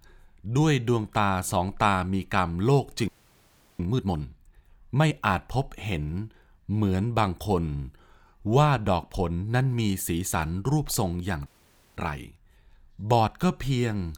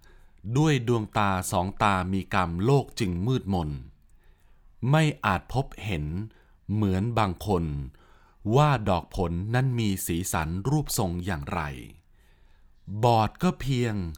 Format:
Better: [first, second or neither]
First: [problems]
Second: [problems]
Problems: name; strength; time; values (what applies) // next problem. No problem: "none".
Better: second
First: audio freezing; at 3 s for 0.5 s and at 11 s for 0.5 s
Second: none